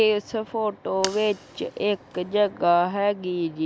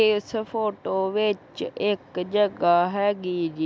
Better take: second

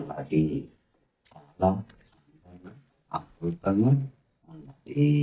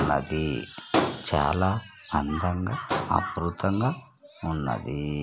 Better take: second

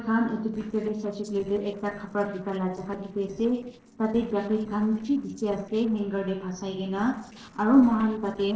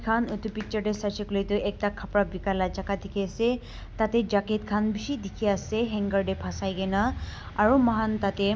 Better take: second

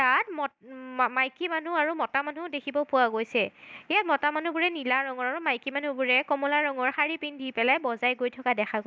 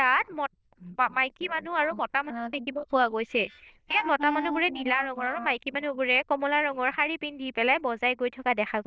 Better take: first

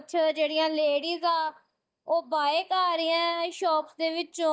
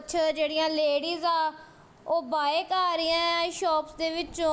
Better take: second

